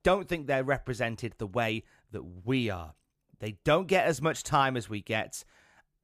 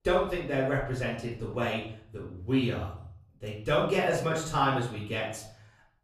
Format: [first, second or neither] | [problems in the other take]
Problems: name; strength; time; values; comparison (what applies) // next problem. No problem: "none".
first | off-mic speech; far // room echo; slight; dies away in 0.6 s